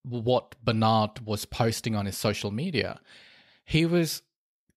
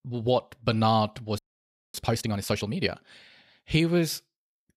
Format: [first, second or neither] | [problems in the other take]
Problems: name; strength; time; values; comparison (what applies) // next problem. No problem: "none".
first | audio freezing; at 1.5 s for 0.5 s